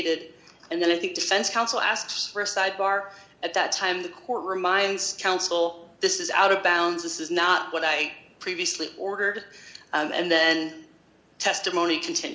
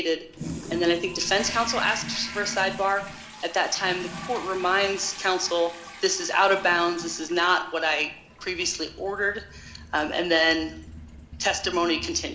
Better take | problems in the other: first | background sound (Toilet flush); 13 dB below the speech

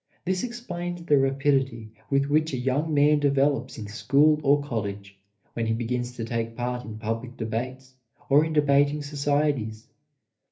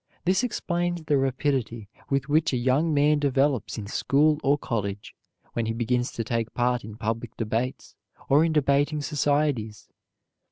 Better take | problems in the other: second | room echo; dies away in 0.3 s

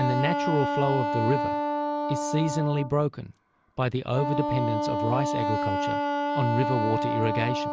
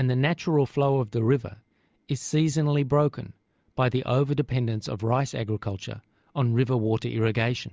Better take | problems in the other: second | background sound (Wind instrument, woodwind instrument); as loud as the speech

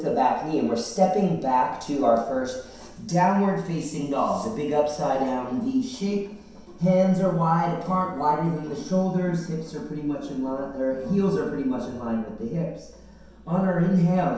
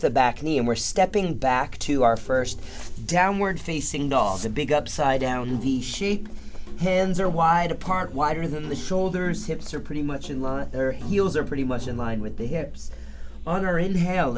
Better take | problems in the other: second | room echo; dies away in 0.7 s

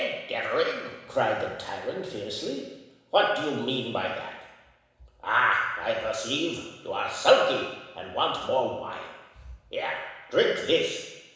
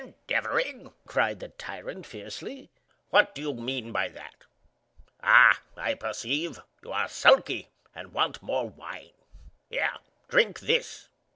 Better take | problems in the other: second | room echo; dies away in 1 s

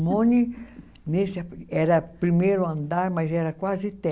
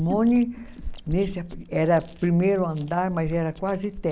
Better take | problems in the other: first | background sound (Chewing, mastication); 15 dB below the speech

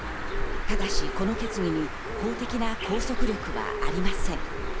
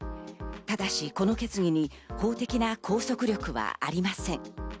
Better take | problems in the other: second | background sound (Bird); 5 dB above the speech

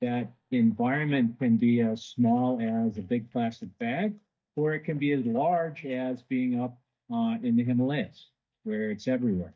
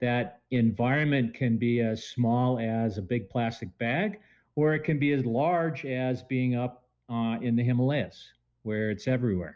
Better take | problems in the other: second | noise reduction (neural mask model DeepFilterNet 3)

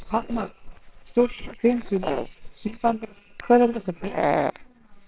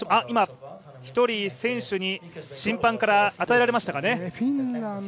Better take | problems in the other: second | noise reduction (neural separator model SepFormer WHAMR!)

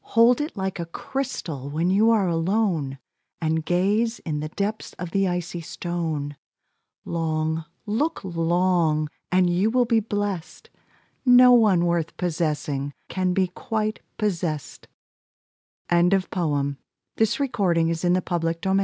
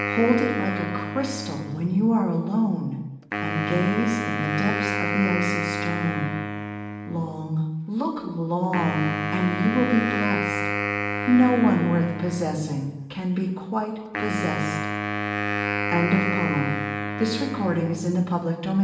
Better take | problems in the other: first | background sound (Wind instrument, woodwind instrument); 4 dB below the speech // room echo; dies away in 0.9 s

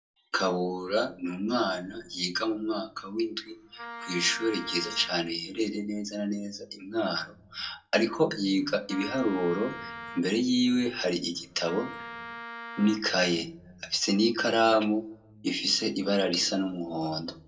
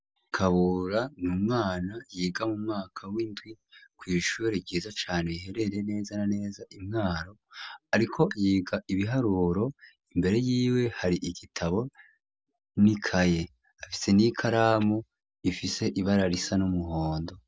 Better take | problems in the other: second | background sound (Wind instrument, woodwind instrument); 13 dB below the speech // room echo; dies away in 0.2 s

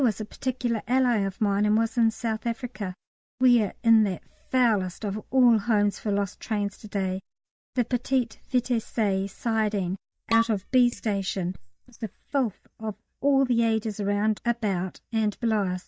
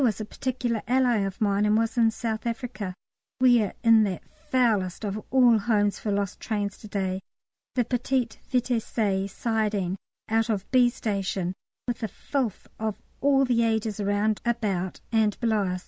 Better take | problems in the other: second | noise reduction (neural mask model DeepFilterNet 3)

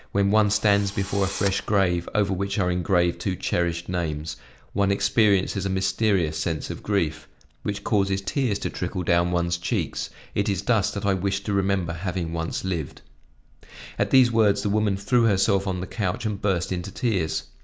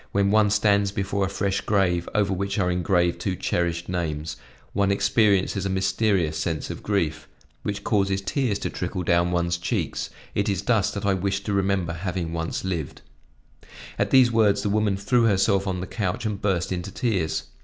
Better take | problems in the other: second | background sound (Drill); 14 dB below the speech

